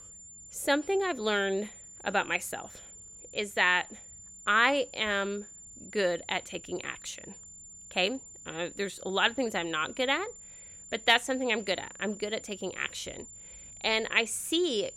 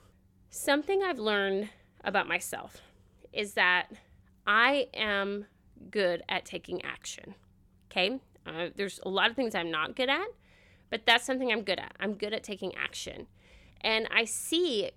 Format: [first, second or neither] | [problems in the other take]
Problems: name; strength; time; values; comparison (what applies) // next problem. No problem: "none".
second | high-pitched whine; noticeable; throughout; 7 kHz, 15 dB below the speech